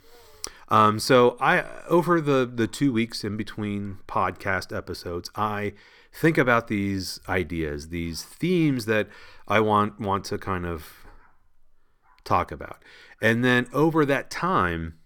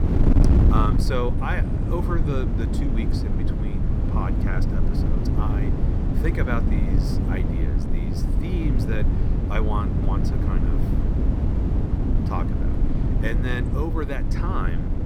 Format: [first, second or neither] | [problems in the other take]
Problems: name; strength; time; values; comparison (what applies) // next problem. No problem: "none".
first | wind noise on the microphone; heavy; 2 dB below the speech